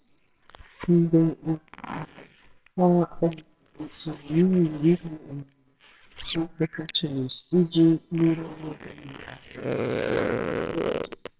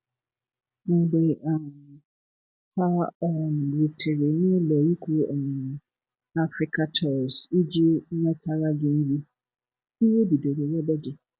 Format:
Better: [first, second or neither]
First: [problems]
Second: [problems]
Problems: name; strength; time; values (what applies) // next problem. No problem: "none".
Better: second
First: noise reduction (neural separator model SepFormer WHAMR!)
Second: none